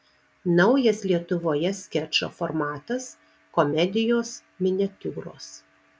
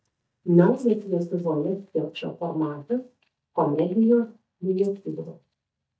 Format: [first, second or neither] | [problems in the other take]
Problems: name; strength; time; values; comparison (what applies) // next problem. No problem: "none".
first | noise reduction (neural mask model DeepFilterNet 3)